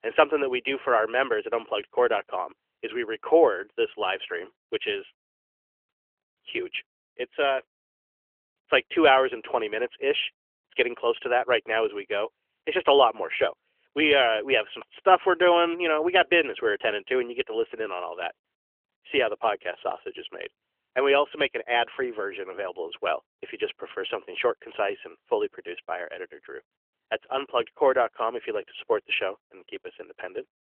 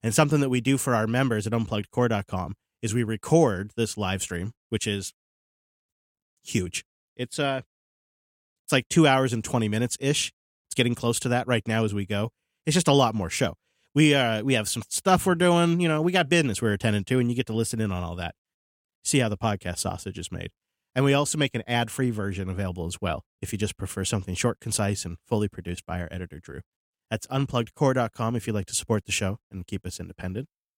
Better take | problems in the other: second | phone-call audio; nothing above 3.5 kHz

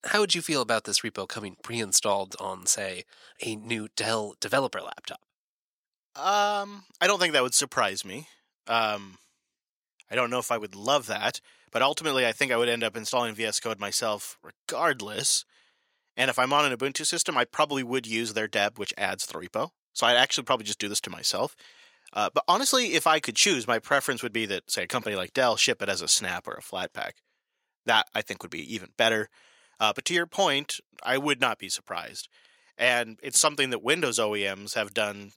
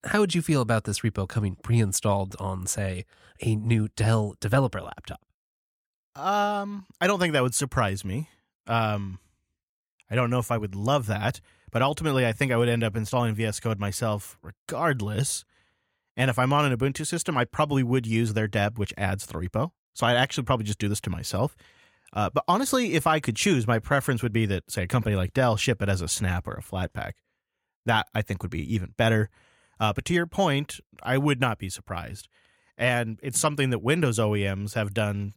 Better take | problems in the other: second | thin; somewhat; fading below 350 Hz

